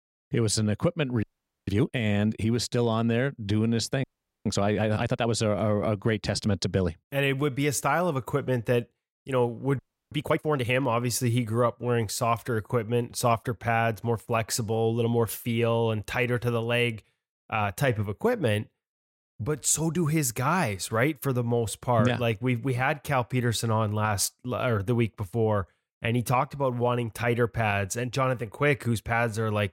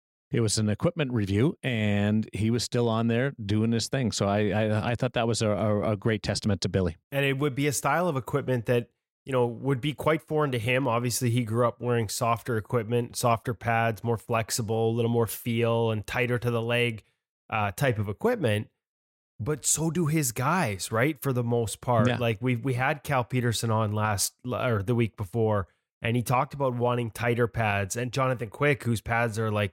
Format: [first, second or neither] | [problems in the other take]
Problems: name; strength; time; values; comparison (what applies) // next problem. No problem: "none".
second | audio freezing; at 1 s, at 4 s and at 10 s